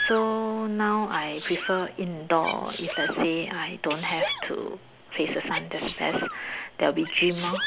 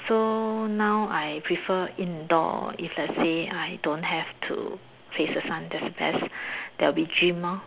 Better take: second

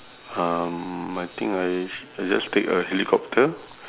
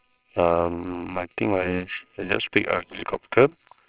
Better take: first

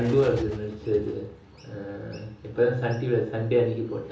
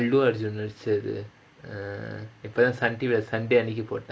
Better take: second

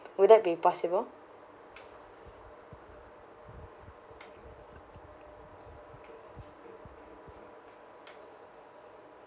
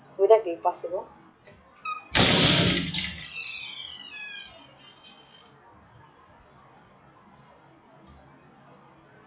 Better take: first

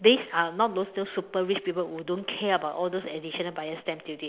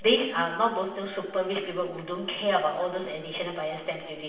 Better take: first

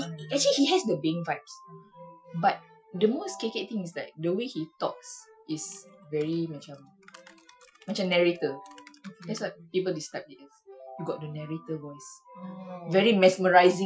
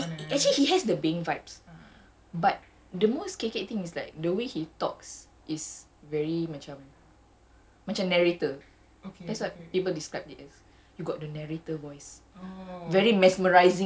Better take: second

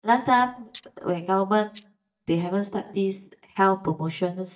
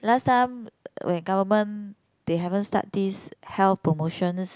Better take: second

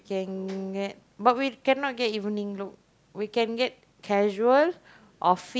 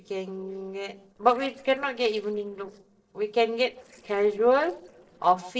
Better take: first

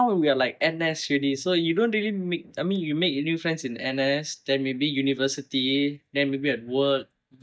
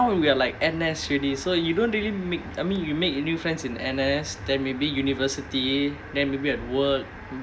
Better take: second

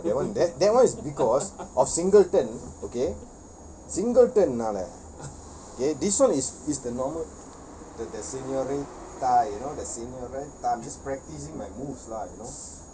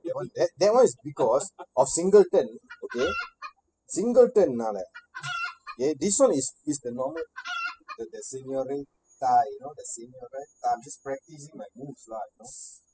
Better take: first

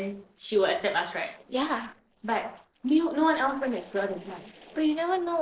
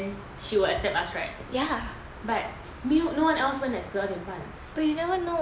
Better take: second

